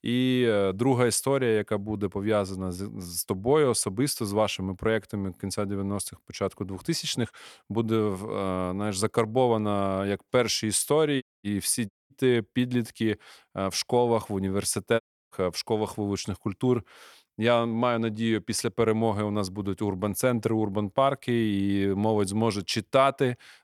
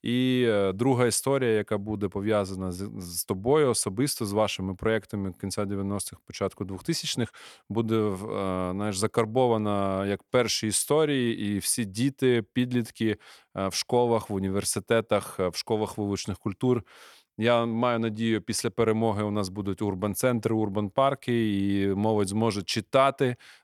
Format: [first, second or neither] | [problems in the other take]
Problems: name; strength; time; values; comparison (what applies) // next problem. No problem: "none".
second | audio cutting out; at 11 s, at 12 s and at 15 s